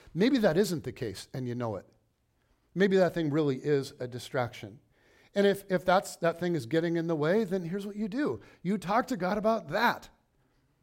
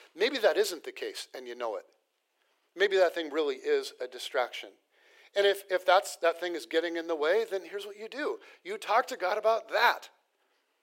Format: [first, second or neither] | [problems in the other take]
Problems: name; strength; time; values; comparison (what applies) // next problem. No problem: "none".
first | thin; very; fading below 400 Hz